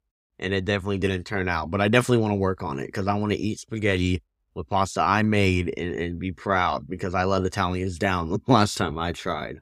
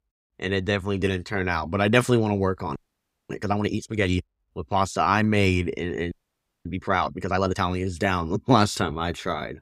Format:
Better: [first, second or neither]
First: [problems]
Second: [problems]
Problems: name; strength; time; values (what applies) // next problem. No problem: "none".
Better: first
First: none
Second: audio freezing; at 3 s for 0.5 s and at 6 s for 0.5 s